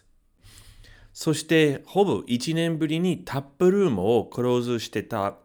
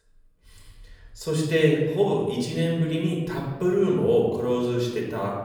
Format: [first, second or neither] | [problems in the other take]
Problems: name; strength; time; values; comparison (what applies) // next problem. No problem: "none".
first | off-mic speech; far // room echo; noticeable; dies away in 1.2 s